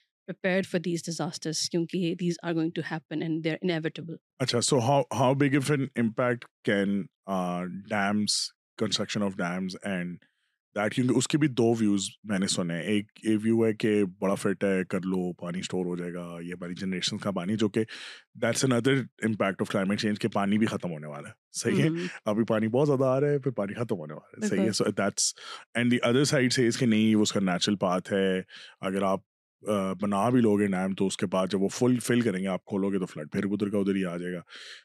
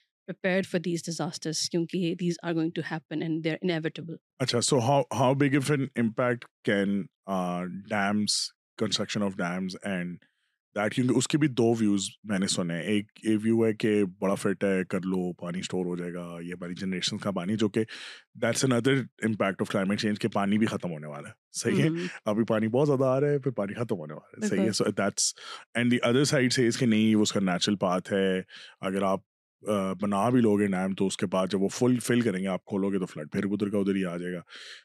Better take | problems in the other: neither | none

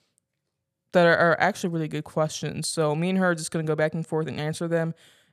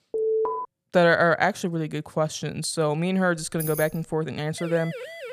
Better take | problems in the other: first | alarm; noticeable; at the start; peak level with the speech // jangling keys; noticeable; at 3.5 s; peak 8 dB below the speech // siren; faint; at 4.5 s; peak 10 dB below the speech

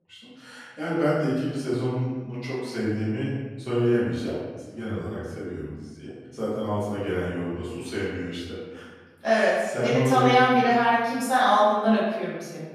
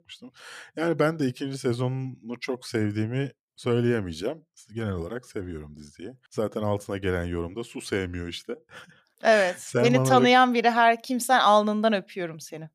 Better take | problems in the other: second | room echo; strong; dies away in 1.2 s // off-mic speech; far

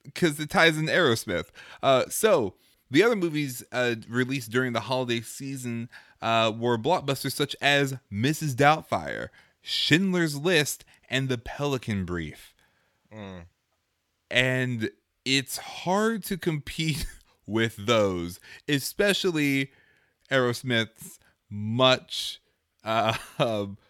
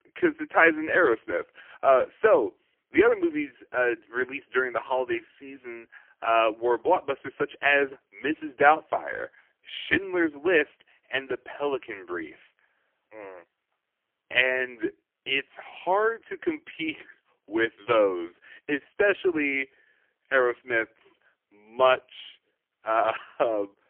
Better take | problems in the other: first | phone-call audio; poor line; nothing above 3 kHz

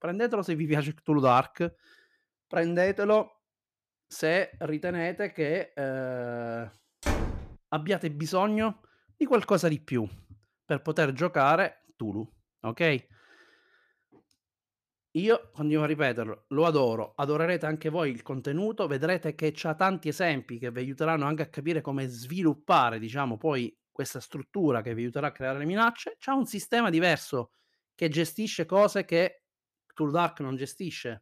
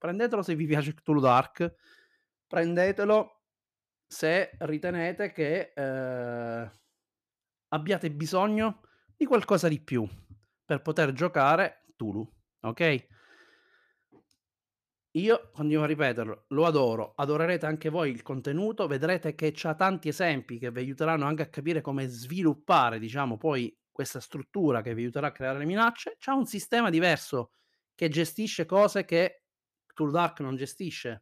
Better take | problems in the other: second | door banging; noticeable; at 7 s; peak 3 dB below the speech

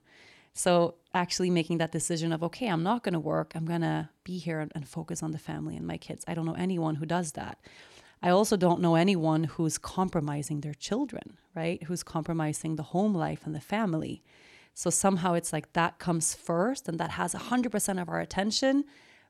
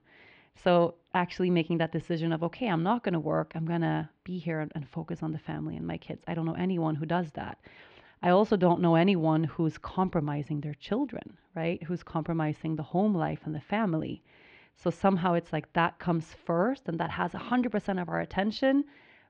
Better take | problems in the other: first | muffled; very; fading above 3 kHz

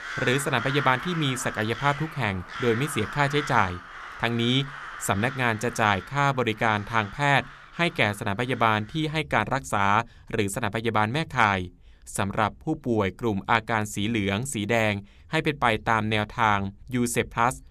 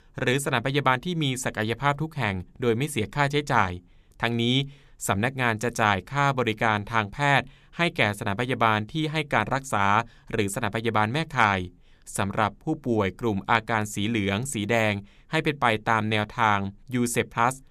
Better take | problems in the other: second | animal sounds; noticeable; throughout; 10 dB below the speech

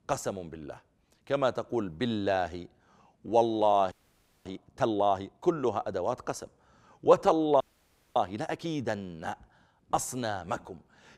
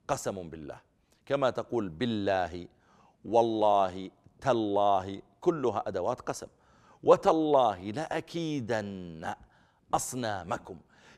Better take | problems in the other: second | audio freezing; at 4 s for 0.5 s and at 7.5 s for 0.5 s

